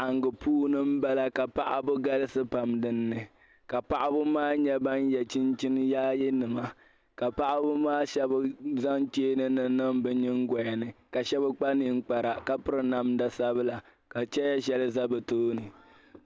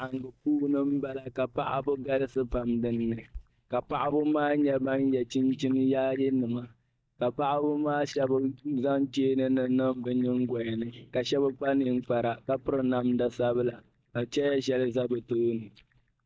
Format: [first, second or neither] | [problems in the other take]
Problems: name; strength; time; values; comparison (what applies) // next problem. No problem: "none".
first | noise reduction (neural mask model DeepFilterNet 3)